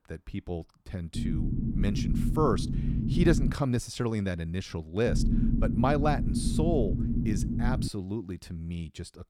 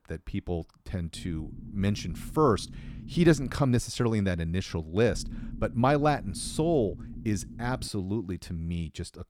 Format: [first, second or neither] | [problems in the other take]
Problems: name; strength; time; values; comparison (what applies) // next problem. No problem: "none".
second | low rumble; loud; from 1 to 3.5 s and from 5 to 8 s; 5 dB below the speech; faint in the second